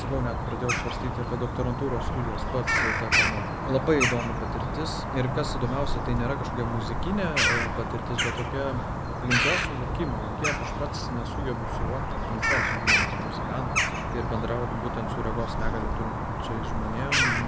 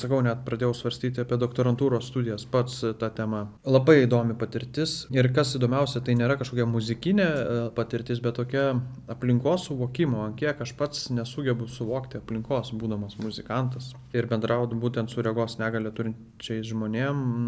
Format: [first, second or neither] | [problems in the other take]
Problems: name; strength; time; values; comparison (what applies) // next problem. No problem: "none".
second | background sound (Bird vocalization, bird call, bird song); 4 dB above the speech